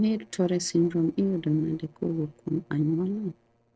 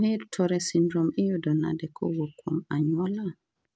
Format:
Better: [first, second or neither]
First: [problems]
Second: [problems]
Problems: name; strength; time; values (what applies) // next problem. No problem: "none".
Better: second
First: noise reduction (neural separator model SepFormer DNS4)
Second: none